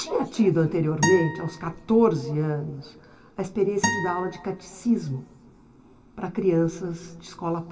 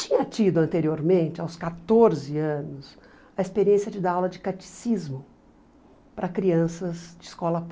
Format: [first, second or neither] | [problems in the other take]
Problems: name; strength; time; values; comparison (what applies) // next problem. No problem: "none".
second | background sound (Acoustic guitar); 6 dB below the speech // room echo; dies away in 2.7 s